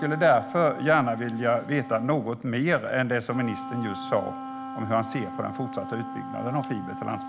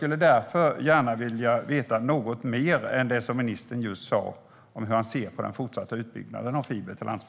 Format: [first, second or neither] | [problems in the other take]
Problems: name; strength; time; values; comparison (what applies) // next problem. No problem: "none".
second | background sound (Wind instrument, woodwind instrument); 11 dB below the speech